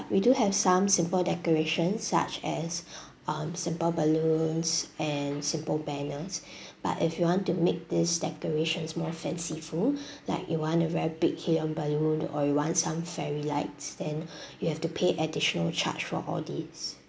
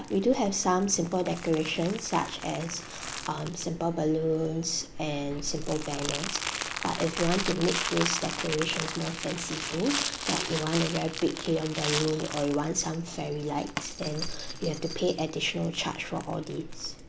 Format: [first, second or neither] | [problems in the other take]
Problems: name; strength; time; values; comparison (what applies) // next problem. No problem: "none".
first | background sound (Crumpling, crinkling); 6 dB below the speech